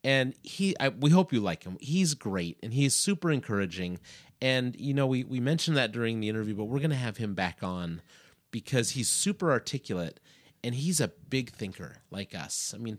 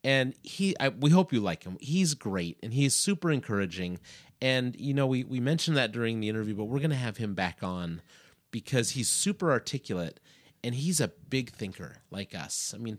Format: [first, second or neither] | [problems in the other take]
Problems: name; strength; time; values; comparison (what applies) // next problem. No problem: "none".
neither | none